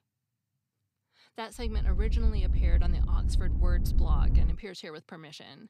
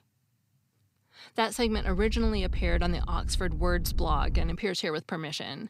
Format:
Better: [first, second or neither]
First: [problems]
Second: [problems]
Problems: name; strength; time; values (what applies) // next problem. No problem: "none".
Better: second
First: low rumble; loud; from 1.5 to 4.5 s; 5 dB below the speech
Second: low rumble; faint; from 1.5 to 4.5 s; 20 dB below the speech